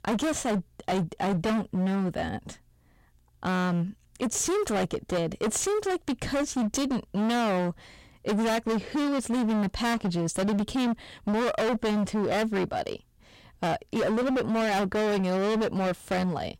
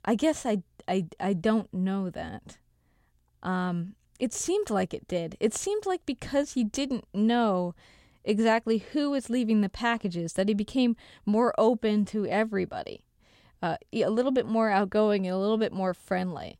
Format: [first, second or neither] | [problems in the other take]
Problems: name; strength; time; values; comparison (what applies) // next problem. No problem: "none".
second | distortion; heavy; 31% of the sound clipped